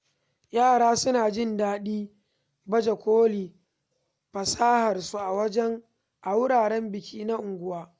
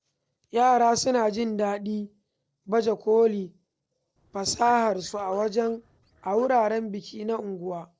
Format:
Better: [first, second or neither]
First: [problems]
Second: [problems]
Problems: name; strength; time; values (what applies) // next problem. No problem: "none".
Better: first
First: none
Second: noise reduction (neural separator model SepFormer DNS4)